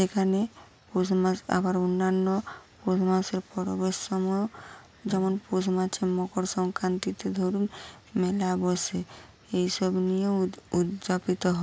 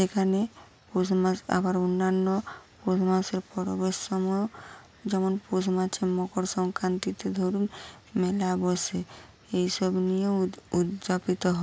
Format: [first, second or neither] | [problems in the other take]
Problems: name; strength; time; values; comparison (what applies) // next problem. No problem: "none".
second | background sound (Bowed string instrument); 19 dB below the speech